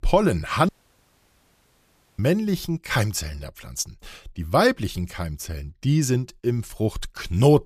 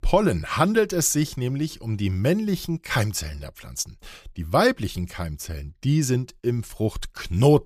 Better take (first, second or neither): second